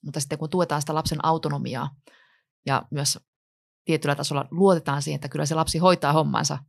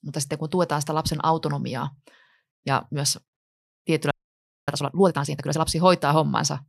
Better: first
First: none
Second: audio freezing; at 4 s for 0.5 s

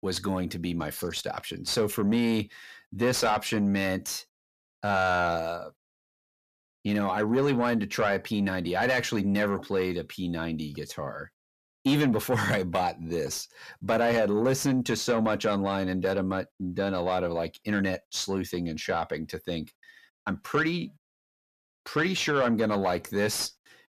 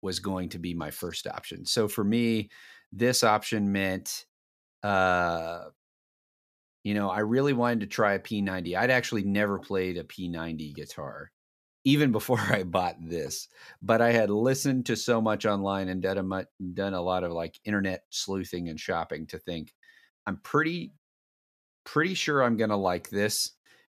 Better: second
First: distortion; slight; 10 dB below the speech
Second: none

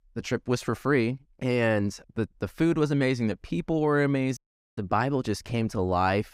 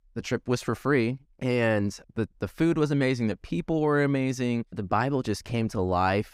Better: second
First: audio cutting out; at 4.5 s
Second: none

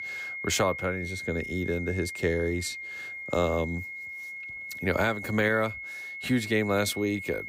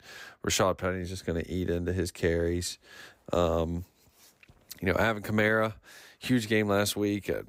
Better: second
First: high-pitched whine; loud; throughout; 2 kHz, 7 dB below the speech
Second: none

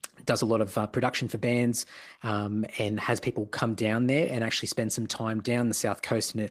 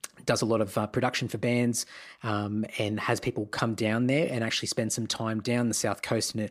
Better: second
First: garbled, watery; slightly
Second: none

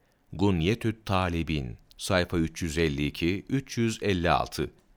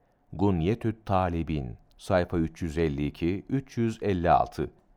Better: first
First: none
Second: muffled; slightly; fading above 2 kHz

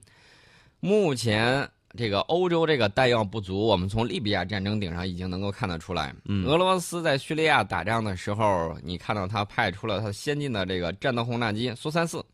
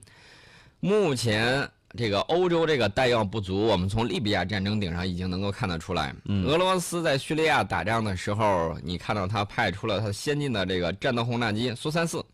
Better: first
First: none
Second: distortion; slight; 10 dB below the speech

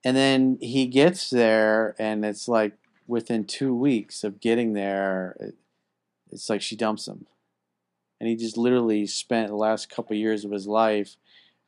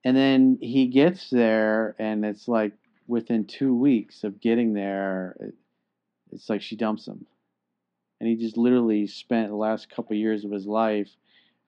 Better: first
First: none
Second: muffled; slightly; fading above 3.5 kHz

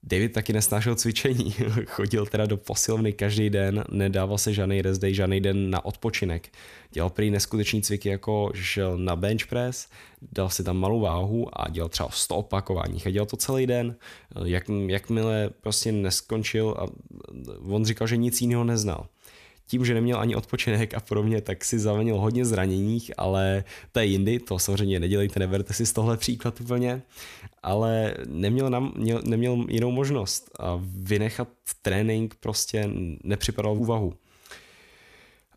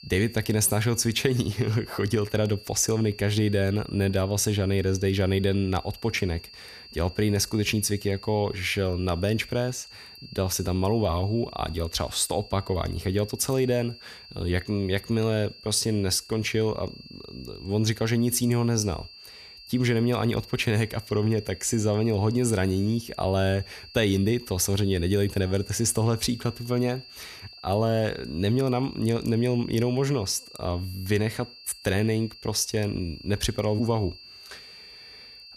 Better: first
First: none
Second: high-pitched whine; noticeable; throughout; 4.5 kHz, 20 dB below the speech

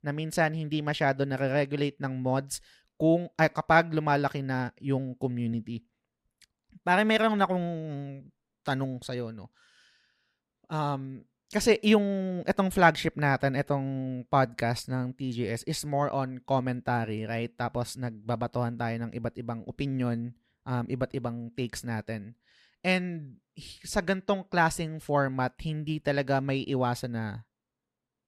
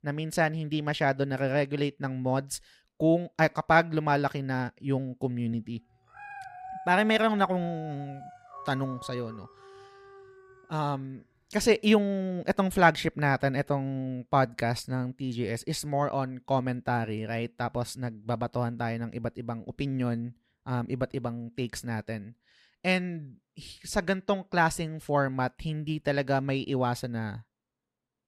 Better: first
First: none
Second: dog barking; faint; from 6 to 11 s; peak 10 dB below the speech

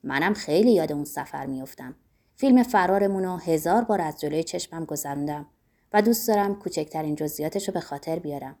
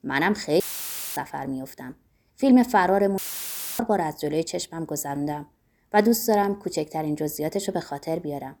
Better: first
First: none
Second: audio cutting out; filled with static; at 0.5 s for 0.5 s and at 3 s for 0.5 s

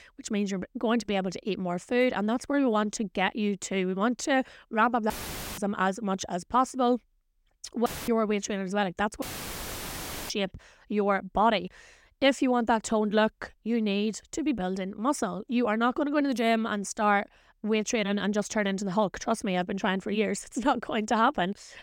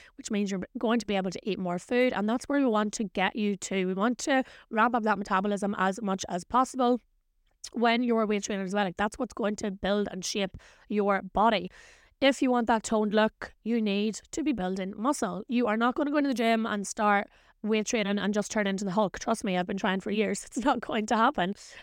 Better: second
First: audio cutting out; filled with static; at 5 s, at 8 s and at 9 s for 1 s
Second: none

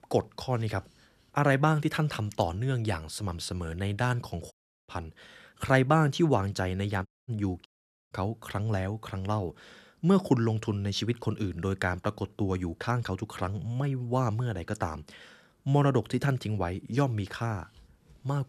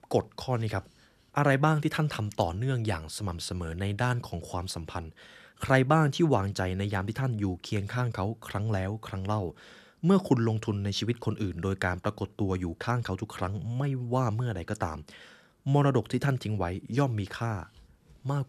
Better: second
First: audio cutting out; at 4.5 s, at 7 s and at 7.5 s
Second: none

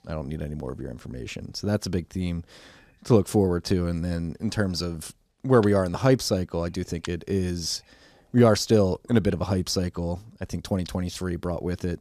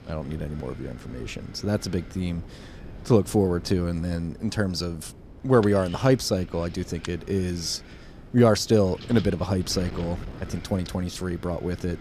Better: first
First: none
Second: wind noise on the microphone; occasional gusts; 20 dB below the speech

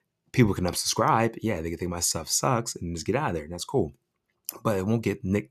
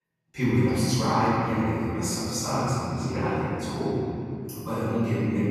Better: first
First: none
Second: room echo; strong; dies away in 3 s // off-mic speech; far

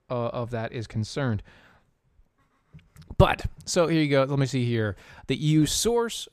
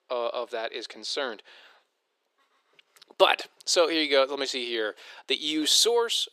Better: first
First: none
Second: thin; very; fading below 350 Hz

